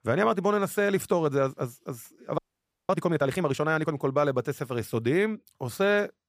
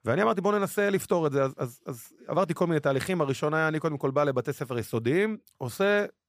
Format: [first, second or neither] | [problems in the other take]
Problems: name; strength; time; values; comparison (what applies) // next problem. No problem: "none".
second | audio freezing; at 2.5 s for 0.5 s